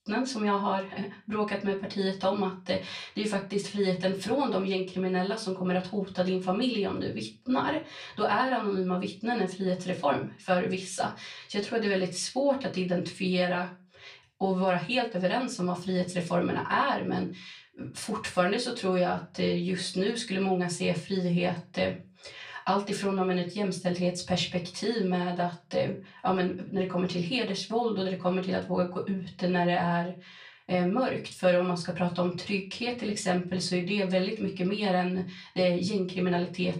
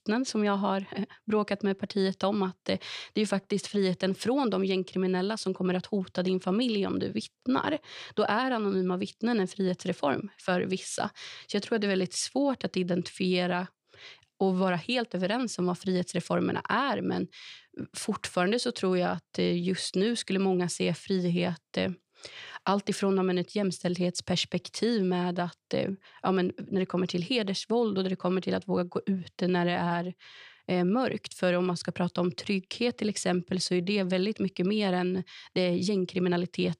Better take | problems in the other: second | off-mic speech; far // room echo; very slight; dies away in 0.3 s

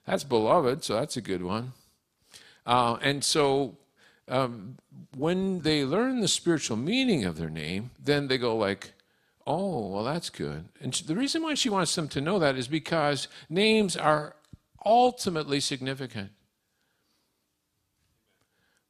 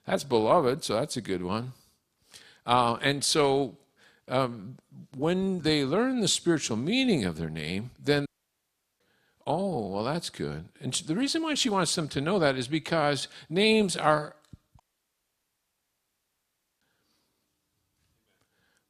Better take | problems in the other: first | audio cutting out; at 8.5 s for 0.5 s and at 15 s for 2 s

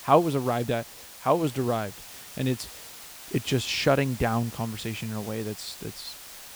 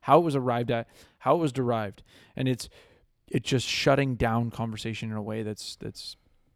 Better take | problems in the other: second | hiss; noticeable; throughout; 15 dB below the speech

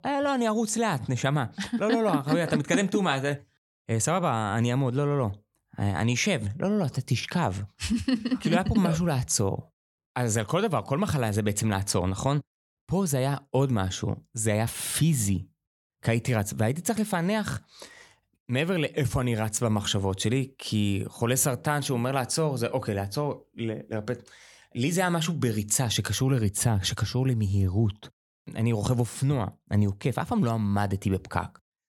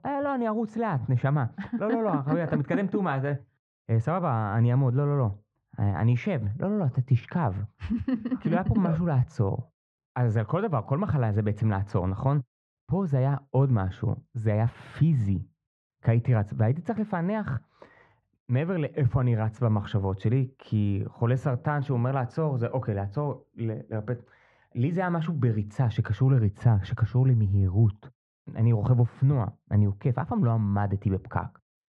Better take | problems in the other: first | muffled; very; fading above 1.5 kHz

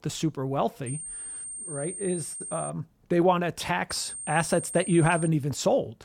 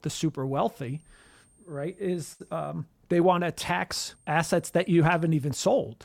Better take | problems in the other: second | high-pitched whine; loud; from 1 to 2.5 s and from 4 to 5.5 s; 8.5 kHz, 8 dB below the speech; faint in the second

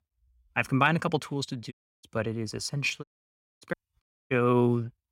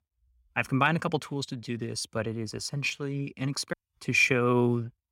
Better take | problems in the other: second | audio cutting out; at 1.5 s, at 3 s for 0.5 s and at 4 s

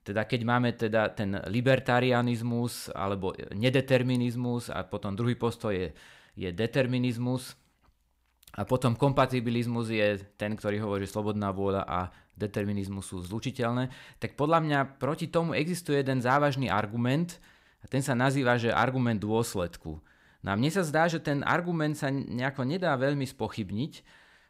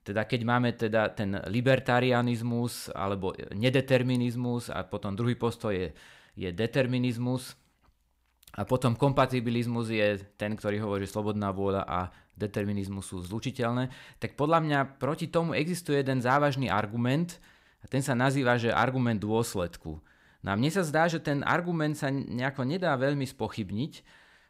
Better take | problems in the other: neither | none

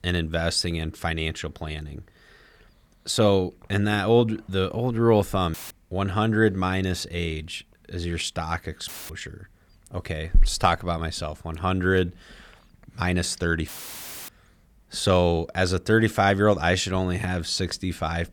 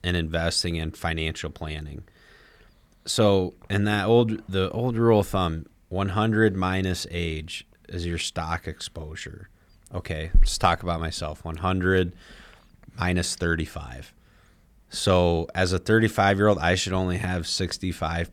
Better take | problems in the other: second | audio cutting out; filled with static; at 5.5 s, at 9 s and at 14 s for 0.5 s

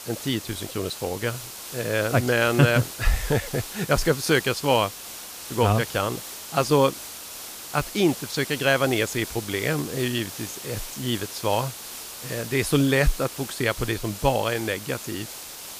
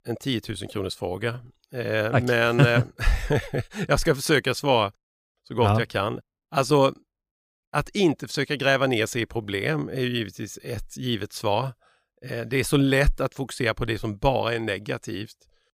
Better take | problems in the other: second | hiss; noticeable; throughout; 10 dB below the speech

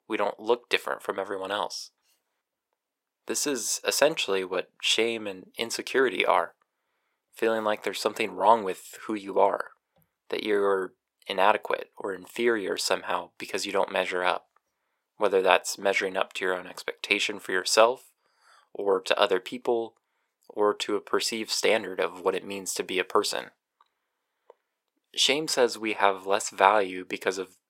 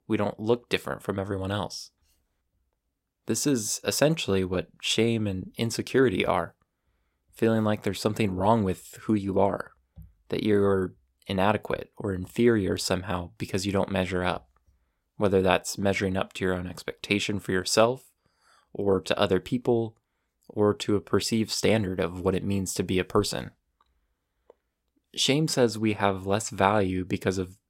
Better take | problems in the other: second | thin; very; fading below 500 Hz

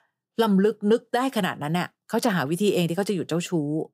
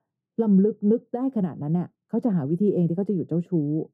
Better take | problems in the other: first | muffled; very; fading above 1 kHz

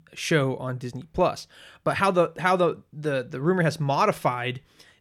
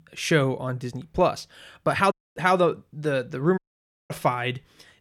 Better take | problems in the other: first | audio cutting out; at 2 s and at 3.5 s for 0.5 s

